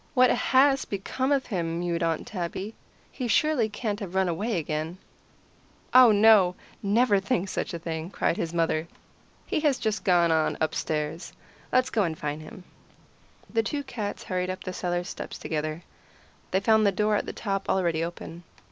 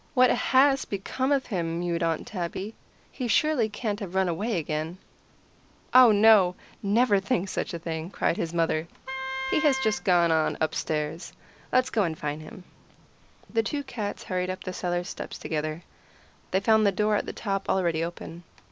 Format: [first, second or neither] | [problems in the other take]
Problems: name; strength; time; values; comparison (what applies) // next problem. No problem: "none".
first | background sound (Wind instrument, woodwind instrument); 8 dB below the speech